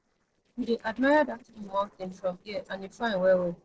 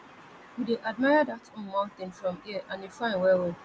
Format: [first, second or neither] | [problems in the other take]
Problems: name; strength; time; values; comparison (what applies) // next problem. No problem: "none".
second | noise reduction (neural separator model SepFormer DNS4)